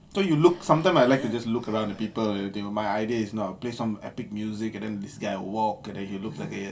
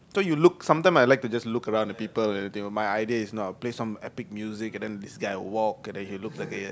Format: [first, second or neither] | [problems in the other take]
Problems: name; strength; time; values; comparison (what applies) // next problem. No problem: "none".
second | background sound (Breathing); 19 dB below the speech // room echo; dies away in 0.2 s